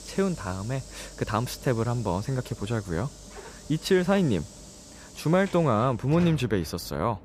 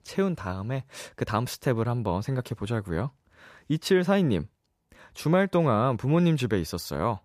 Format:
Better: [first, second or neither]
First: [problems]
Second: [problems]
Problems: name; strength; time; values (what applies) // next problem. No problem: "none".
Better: second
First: hiss; noticeable; throughout; 15 dB below the speech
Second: none